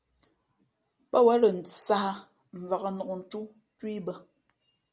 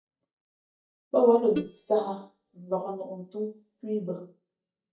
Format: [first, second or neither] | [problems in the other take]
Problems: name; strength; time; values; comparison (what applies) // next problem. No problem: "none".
first | noise reduction (neural mask model DeepFilterNet 3)